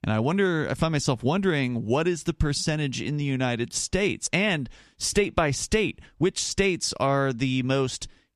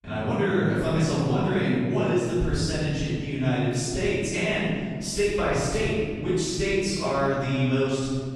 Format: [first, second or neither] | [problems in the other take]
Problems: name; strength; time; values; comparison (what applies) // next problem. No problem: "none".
first | off-mic speech; far // room echo; strong; dies away in 1.9 s